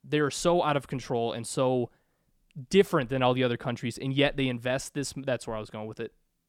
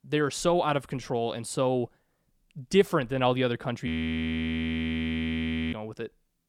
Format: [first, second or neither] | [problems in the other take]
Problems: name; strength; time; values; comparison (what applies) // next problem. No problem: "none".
first | audio freezing; at 4 s for 2 s